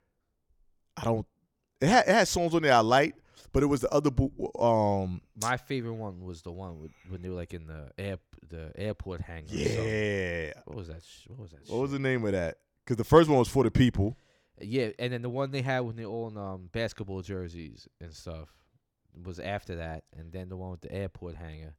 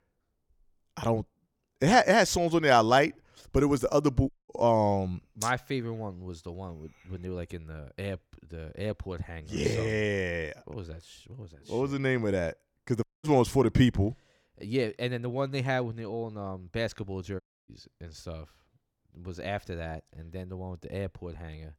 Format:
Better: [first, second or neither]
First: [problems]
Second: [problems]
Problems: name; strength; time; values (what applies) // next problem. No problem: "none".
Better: first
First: none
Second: audio cutting out; at 4.5 s, at 13 s and at 17 s